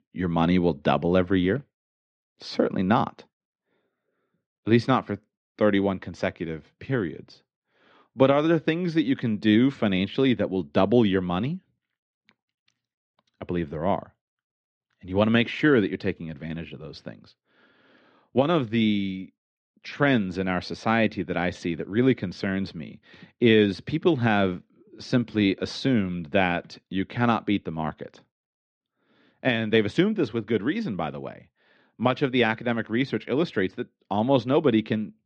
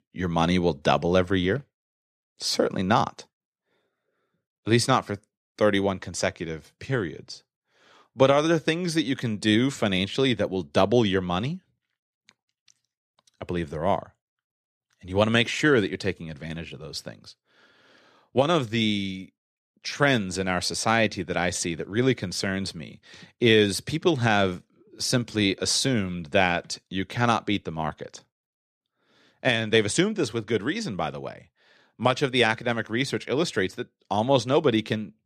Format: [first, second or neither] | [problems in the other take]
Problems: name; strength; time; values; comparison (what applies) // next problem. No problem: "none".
second | muffled; slightly; fading above 3.5 kHz